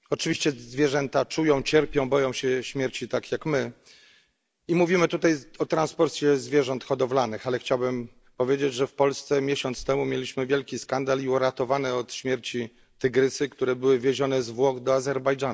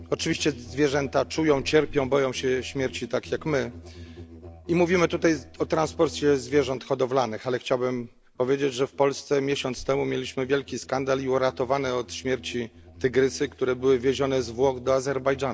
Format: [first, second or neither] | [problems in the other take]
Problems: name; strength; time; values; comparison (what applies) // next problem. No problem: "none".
first | background sound (Musical instrument); 20 dB below the speech